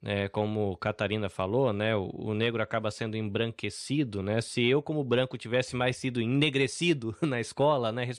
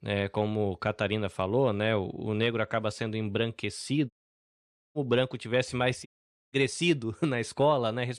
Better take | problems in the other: first | audio cutting out; at 4 s for 1 s and at 6 s

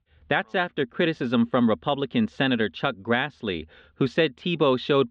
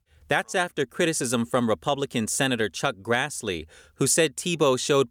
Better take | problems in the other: second | muffled; very; fading above 3.5 kHz

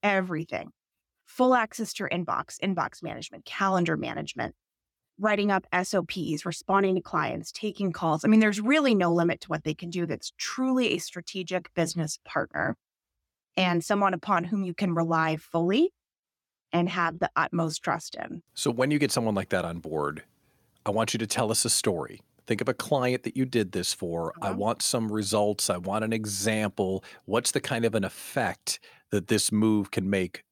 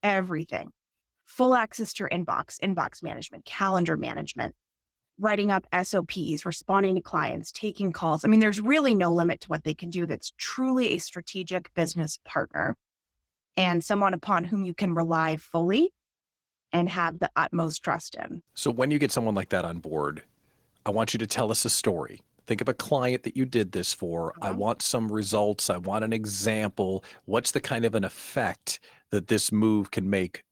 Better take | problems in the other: first | garbled, watery; slightly; nothing above 15.5 kHz

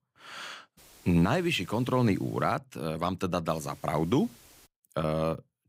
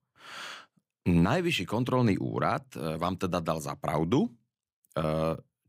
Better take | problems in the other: second | hiss; faint; from 1 to 2.5 s and from 3.5 to 4.5 s; 25 dB below the speech

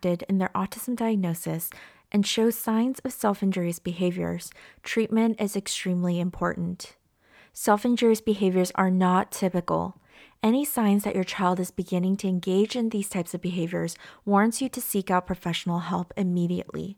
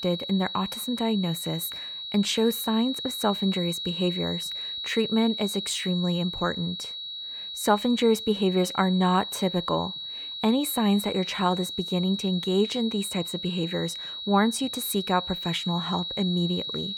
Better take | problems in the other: first | high-pitched whine; loud; throughout; 4 kHz, 6 dB below the speech

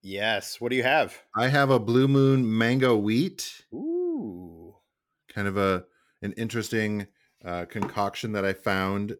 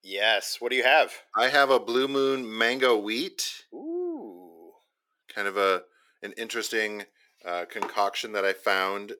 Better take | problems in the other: first | thin; somewhat; fading below 400 Hz

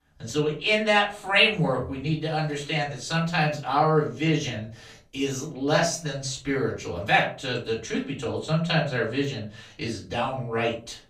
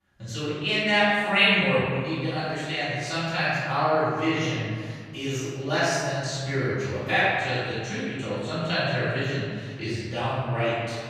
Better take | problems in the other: first | room echo; strong; dies away in 1.9 s; slight in the first // off-mic speech; far; far in the first

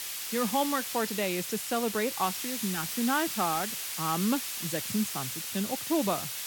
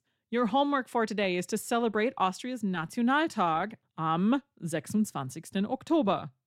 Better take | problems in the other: second | hiss; loud; throughout; 2 dB below the speech

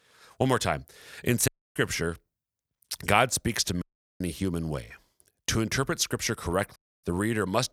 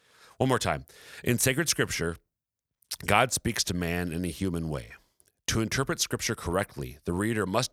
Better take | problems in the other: second | audio cutting out; at 1.5 s, at 4 s and at 7 s

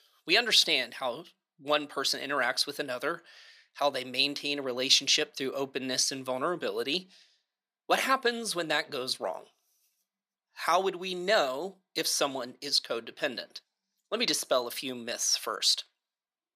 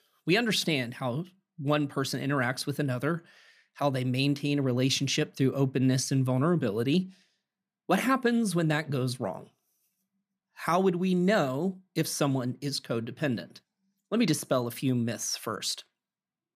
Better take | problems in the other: second | thin; very; fading below 550 Hz

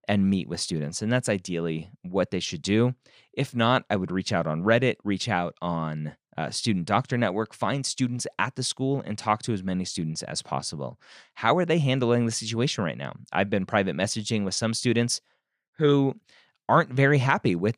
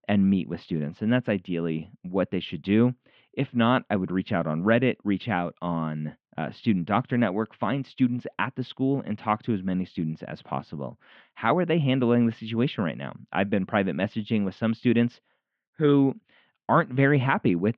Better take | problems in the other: first | muffled; very; fading above 3 kHz

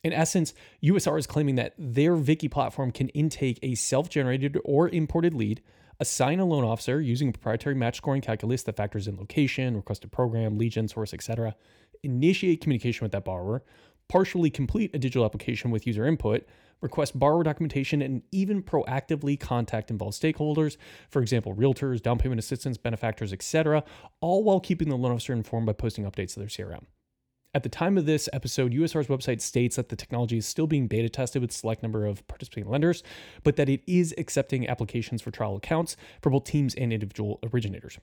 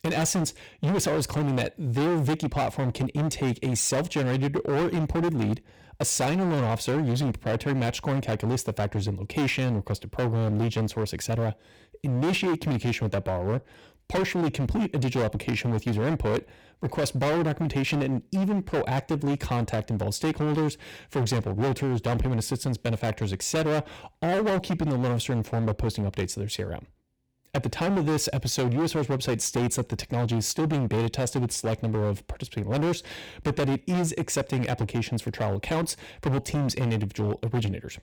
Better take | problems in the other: first | distortion; heavy; 22% of the sound clipped

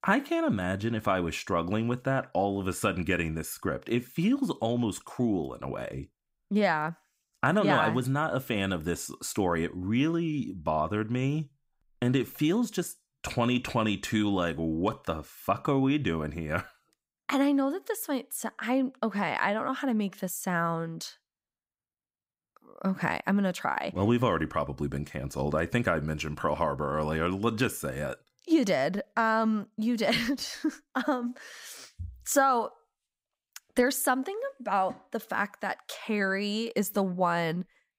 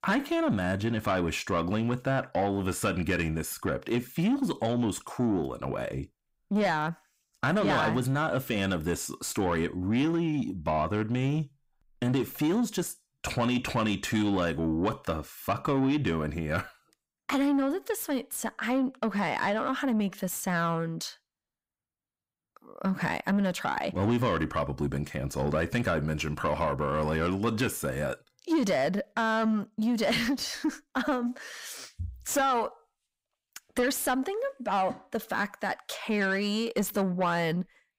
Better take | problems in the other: first | distortion; slight; 10 dB below the speech

